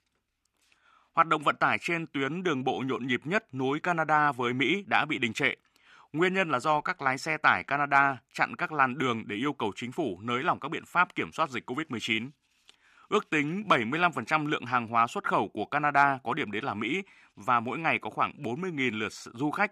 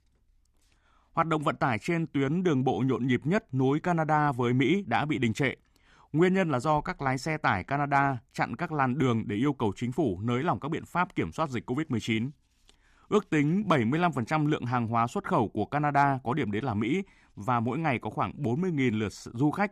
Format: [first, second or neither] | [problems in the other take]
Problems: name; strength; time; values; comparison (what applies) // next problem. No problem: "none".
second | thin; somewhat; fading below 400 Hz